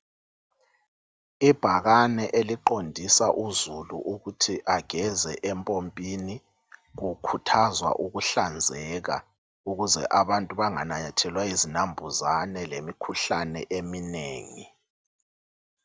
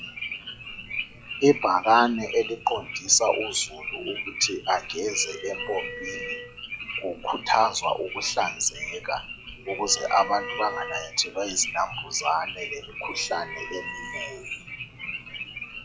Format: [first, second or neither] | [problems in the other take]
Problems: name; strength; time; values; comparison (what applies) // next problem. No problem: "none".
first | noise reduction (classical method log-MMSE)